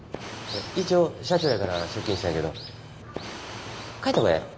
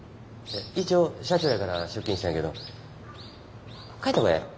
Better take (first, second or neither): second